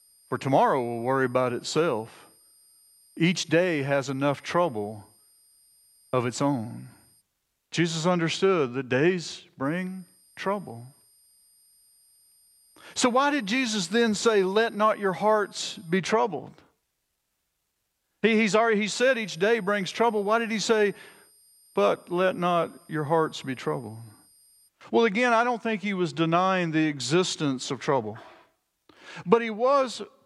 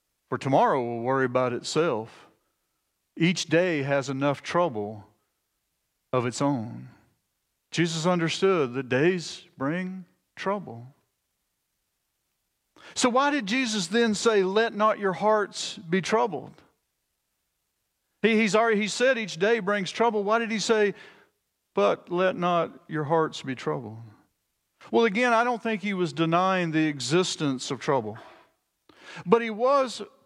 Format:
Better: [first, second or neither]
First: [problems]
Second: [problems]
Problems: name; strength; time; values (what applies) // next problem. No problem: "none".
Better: second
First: high-pitched whine; faint; until 7 s, from 9.5 to 16 s and from 19 to 25 s; 9 kHz, 30 dB below the speech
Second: none